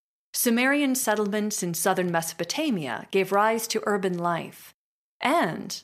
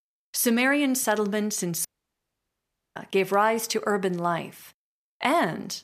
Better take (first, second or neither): first